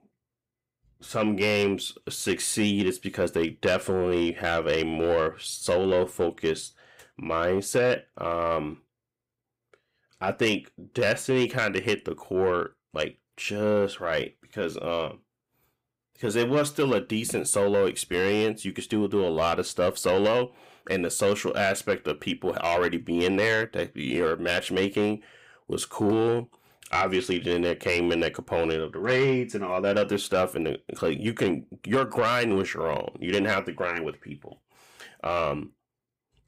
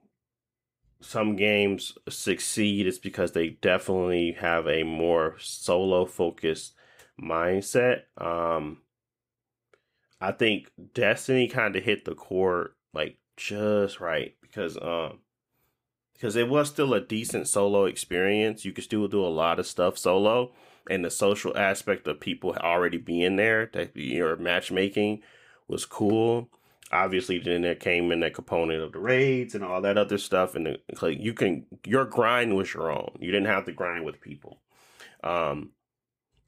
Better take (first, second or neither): second